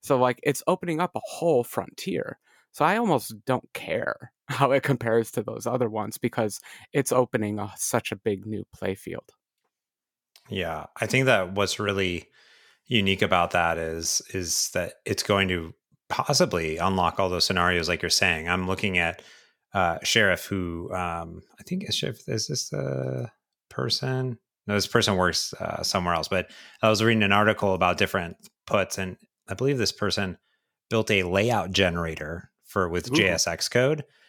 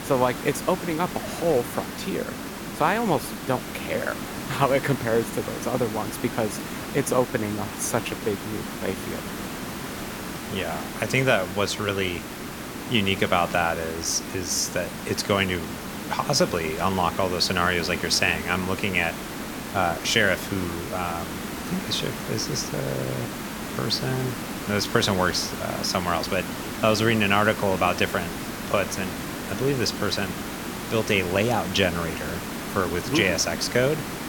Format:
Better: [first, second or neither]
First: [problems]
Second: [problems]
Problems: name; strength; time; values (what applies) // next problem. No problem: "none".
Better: first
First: none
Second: hiss; loud; throughout; 7 dB below the speech